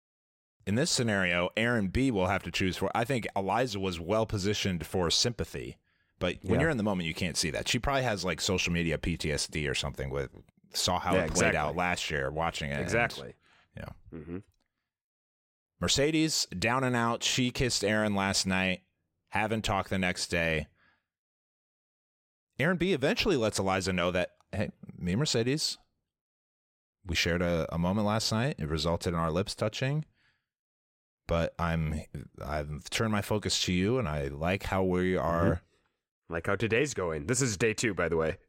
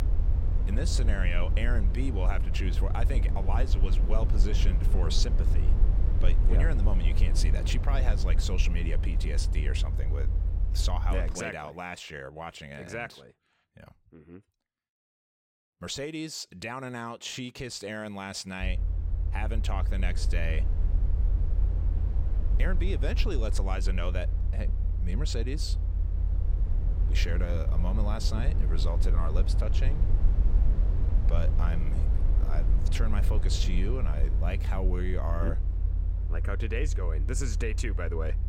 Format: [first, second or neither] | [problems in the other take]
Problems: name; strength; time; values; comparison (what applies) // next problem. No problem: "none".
first | low rumble; loud; until 11 s and from 19 s on; 9 dB below the speech